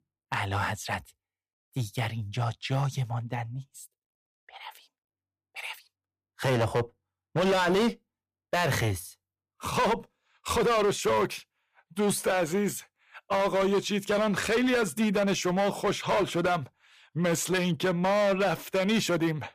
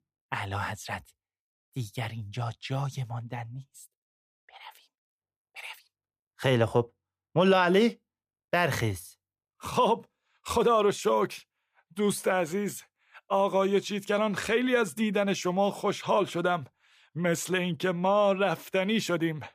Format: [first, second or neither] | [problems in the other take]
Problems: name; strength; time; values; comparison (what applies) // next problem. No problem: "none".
second | distortion; heavy; 10% of the sound clipped